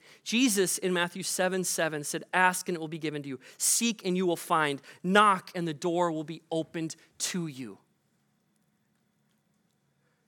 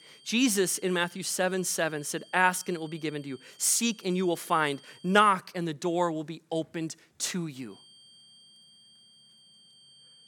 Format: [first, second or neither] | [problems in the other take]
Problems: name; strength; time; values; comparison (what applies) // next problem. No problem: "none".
first | high-pitched whine; faint; until 5.5 s and from 7.5 s on; 3 kHz, 25 dB below the speech